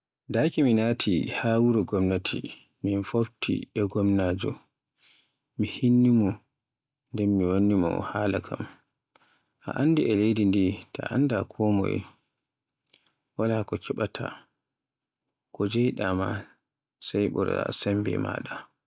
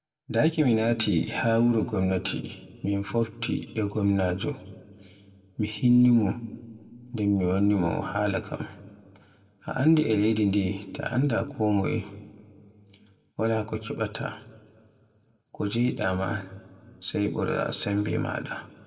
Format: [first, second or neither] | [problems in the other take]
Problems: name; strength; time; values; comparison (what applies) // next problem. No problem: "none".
first | room echo; dies away in 1 s